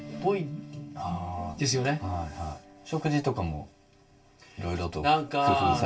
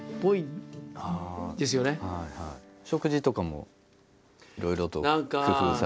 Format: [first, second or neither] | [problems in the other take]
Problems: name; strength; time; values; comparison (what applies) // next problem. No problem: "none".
second | room echo; dies away in 0.2 s